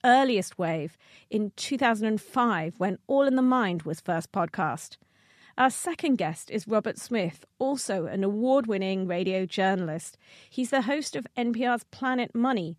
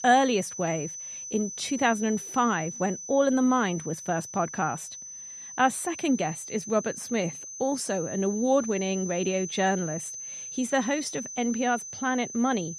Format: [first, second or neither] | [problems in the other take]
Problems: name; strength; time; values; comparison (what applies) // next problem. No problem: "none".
first | high-pitched whine; loud; throughout; 6 kHz, 9 dB below the speech